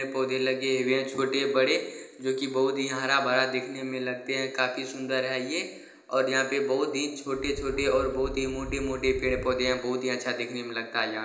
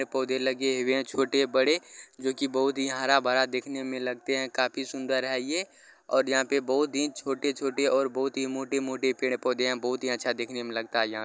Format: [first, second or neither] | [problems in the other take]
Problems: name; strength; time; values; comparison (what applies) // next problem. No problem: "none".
second | background sound (Wind); 12 dB below the speech // room echo; dies away in 0.9 s